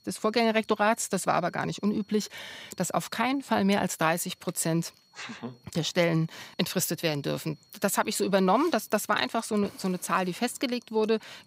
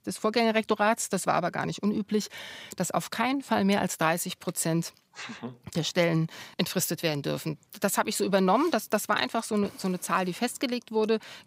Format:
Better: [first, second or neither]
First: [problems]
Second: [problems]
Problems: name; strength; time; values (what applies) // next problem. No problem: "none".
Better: second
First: high-pitched whine; faint; throughout; 4.5 kHz, 35 dB below the speech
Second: none